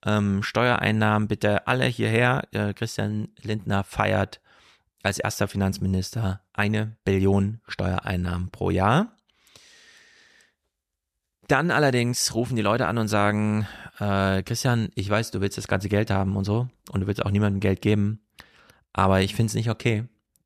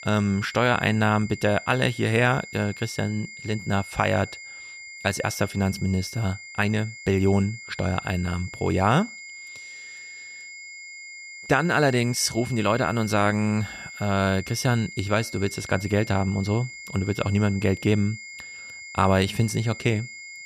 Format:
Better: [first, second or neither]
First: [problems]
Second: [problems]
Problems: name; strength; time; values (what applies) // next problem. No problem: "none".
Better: first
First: none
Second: high-pitched whine; noticeable; throughout; 2 kHz, 15 dB below the speech